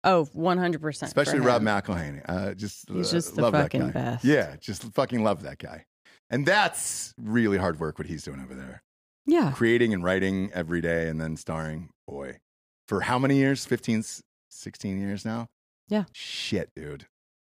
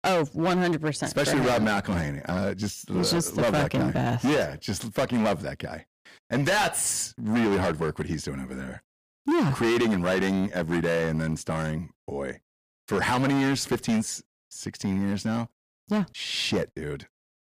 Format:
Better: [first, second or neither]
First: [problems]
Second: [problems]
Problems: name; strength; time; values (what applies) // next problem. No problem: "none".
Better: first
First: none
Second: distortion; heavy; 14% of the sound clipped